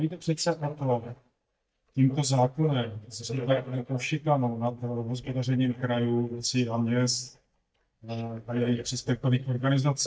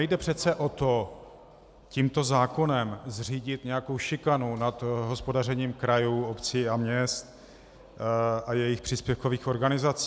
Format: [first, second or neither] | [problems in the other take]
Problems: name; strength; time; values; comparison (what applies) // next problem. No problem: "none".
second | noise reduction (neural mask model DeepFilterNet 3)